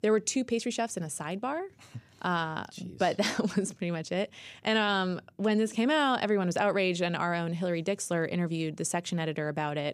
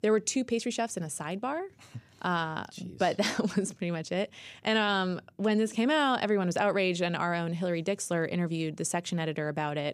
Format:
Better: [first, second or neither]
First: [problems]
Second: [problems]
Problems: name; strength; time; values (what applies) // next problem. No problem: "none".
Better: neither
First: none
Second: none